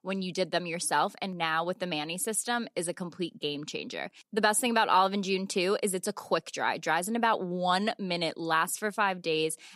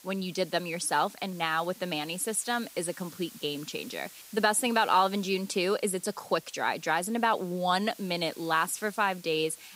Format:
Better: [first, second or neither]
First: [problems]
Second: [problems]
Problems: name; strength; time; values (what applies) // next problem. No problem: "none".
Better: first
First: none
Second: hiss; noticeable; throughout; 20 dB below the speech